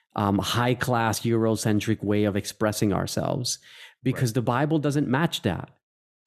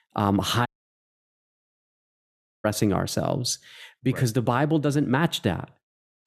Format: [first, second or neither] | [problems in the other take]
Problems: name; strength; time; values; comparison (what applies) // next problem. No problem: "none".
first | audio cutting out; at 0.5 s for 2 s